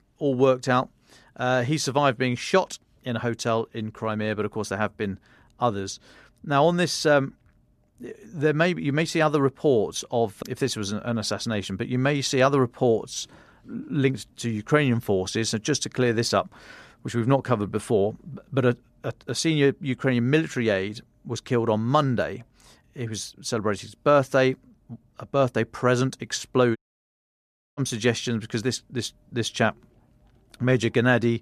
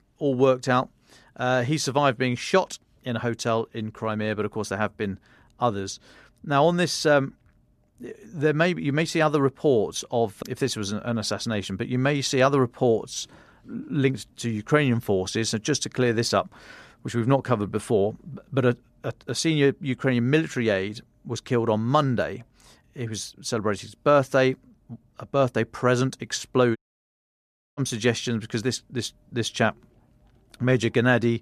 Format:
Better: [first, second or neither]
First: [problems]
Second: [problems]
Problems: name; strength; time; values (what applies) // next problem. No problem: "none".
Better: neither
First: audio cutting out; at 27 s for 1 s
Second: audio cutting out; at 27 s for 1 s